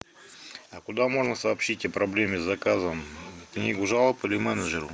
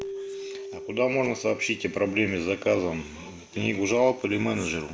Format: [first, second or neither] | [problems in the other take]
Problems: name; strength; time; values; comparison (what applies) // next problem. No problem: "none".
first | background sound (Keyboard (musical)); 15 dB below the speech // room echo; dies away in 0.4 s